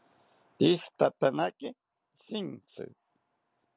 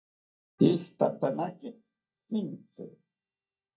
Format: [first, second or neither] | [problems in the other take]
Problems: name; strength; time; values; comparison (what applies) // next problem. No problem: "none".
first | noise reduction (neural mask model DeepFilterNet 3)